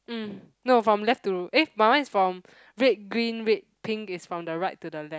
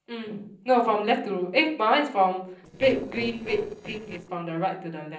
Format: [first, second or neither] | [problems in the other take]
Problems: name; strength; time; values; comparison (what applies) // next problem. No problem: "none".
first | noise reduction (neural separator model SepFormer DNS4)